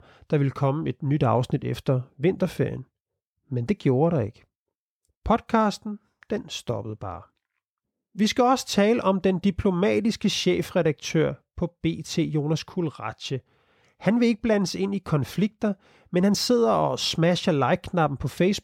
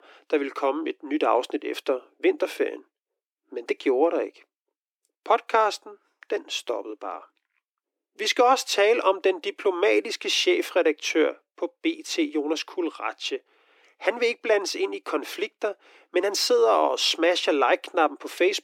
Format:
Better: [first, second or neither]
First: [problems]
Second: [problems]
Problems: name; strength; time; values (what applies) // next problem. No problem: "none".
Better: first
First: none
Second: thin; very; fading below 300 Hz